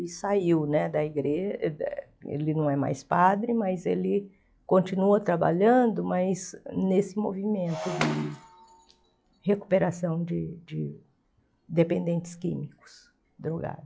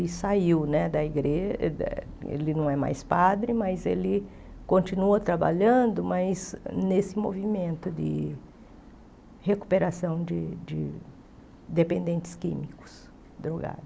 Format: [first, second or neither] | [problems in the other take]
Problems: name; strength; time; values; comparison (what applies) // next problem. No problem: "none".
second | noise reduction (classical method log-MMSE)